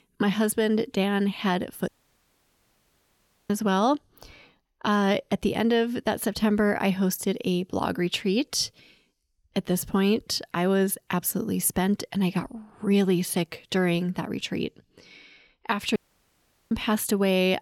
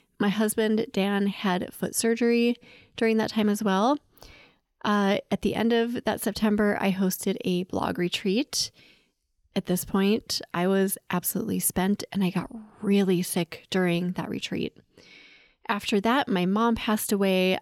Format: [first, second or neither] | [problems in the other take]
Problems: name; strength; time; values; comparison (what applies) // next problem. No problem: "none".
second | audio cutting out; at 2 s for 1.5 s and at 16 s for 1 s